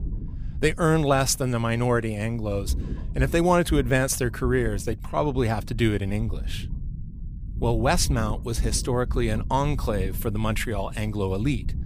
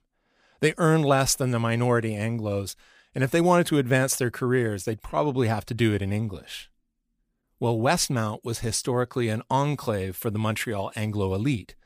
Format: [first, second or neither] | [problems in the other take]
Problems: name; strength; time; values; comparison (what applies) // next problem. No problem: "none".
second | low rumble; faint; throughout; 20 dB below the speech